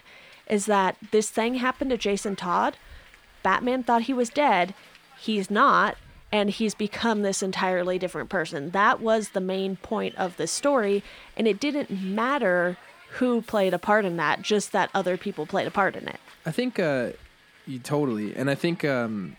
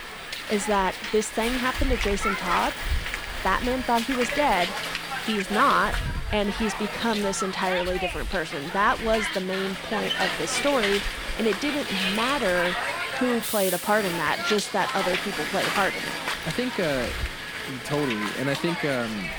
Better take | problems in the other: first | hiss; loud; throughout; 2 dB below the speech; faint in the first

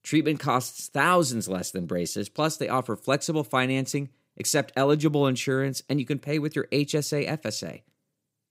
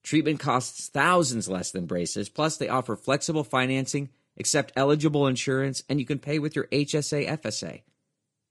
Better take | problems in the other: first | garbled, watery; slightly; nothing above 11 kHz

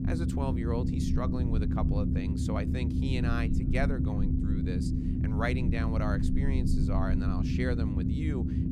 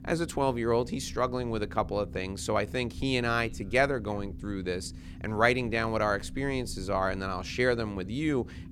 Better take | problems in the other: second | low rumble; loud; throughout; 1 dB below the speech; faint in the second

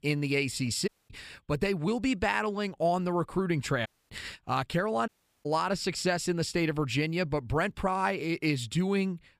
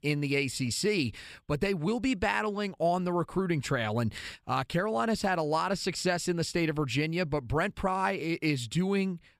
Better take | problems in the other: second | audio cutting out; at 1 s, at 4 s and at 5 s

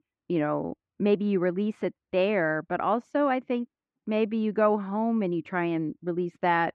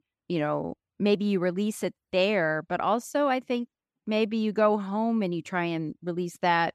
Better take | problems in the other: second | muffled; slightly; fading above 2 kHz

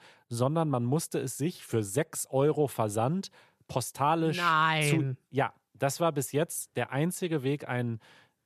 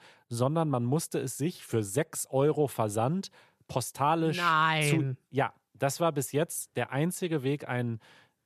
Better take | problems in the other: neither | none

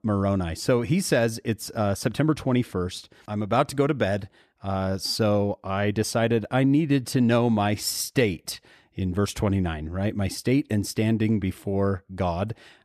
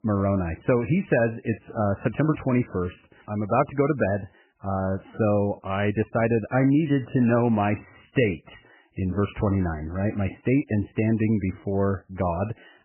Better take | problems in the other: first | garbled, watery; badly; nothing above 3 kHz

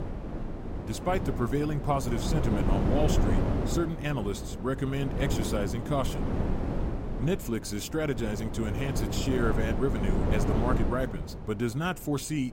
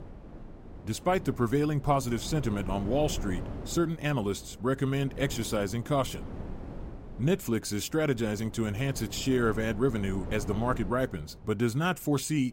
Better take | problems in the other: second | wind noise on the microphone; heavy; 4 dB below the speech; occasional gusts in the second

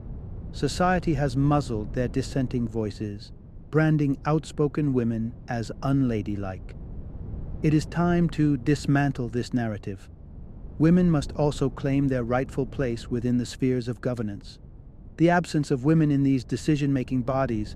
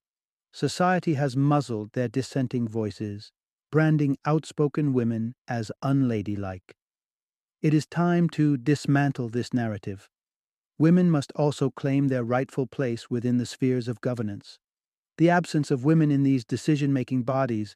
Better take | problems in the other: second | wind noise on the microphone; occasional gusts; 25 dB below the speech

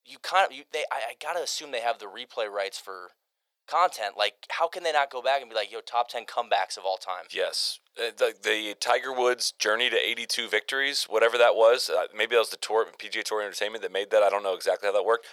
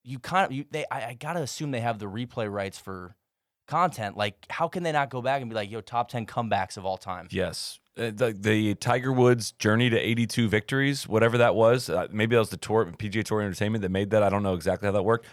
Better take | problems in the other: second | thin; very; fading below 500 Hz

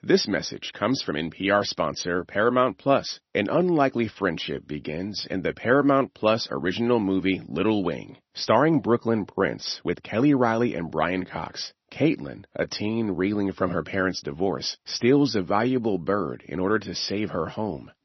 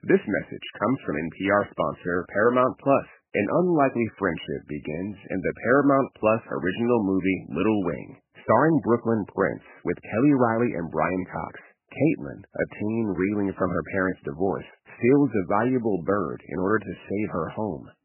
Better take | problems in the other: first | garbled, watery; badly; nothing above 3 kHz; slightly in the first

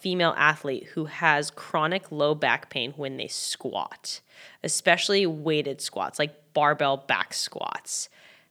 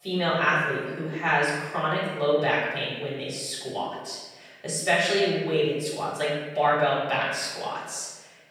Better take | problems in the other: first | room echo; noticeable; dies away in 1.1 s // off-mic speech; far

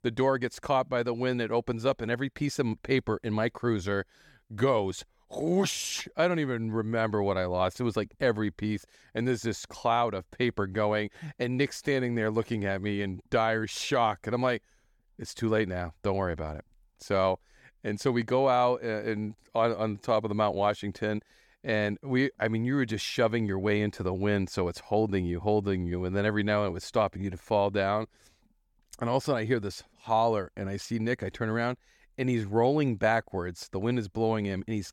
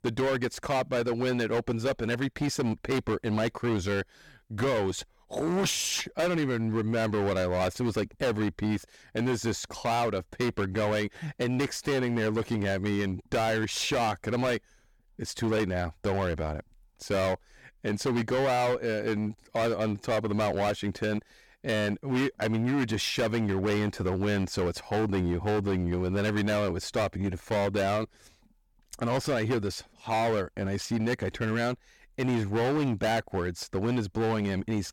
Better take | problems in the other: first | distortion; heavy; 18% of the sound clipped

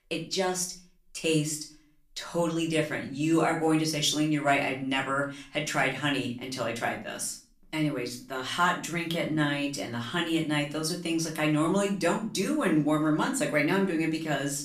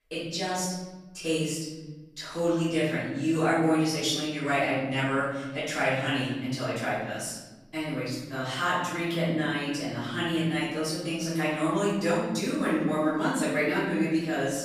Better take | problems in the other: first | room echo; strong; dies away in 1.2 s; slight in the first // off-mic speech; far; far in the first

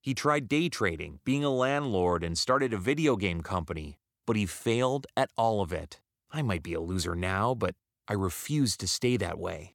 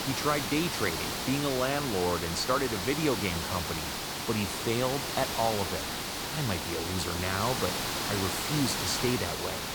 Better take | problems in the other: first | hiss; loud; throughout; as loud as the speech

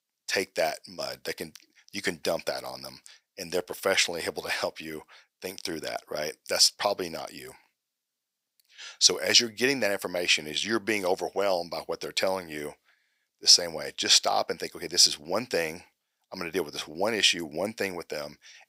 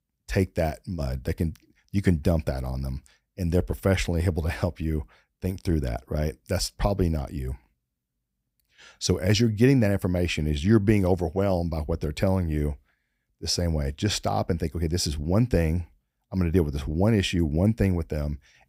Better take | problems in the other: second | thin; very; fading below 550 Hz

